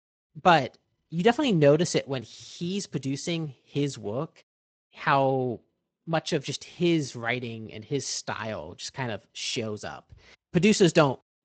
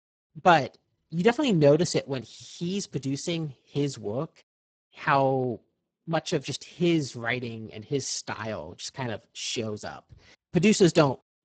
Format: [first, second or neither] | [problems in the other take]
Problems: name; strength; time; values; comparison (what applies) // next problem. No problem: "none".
first | garbled, watery; badly; nothing above 8 kHz; slightly in the first